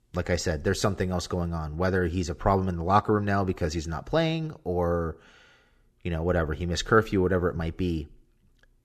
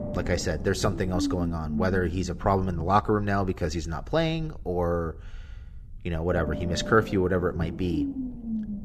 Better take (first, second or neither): first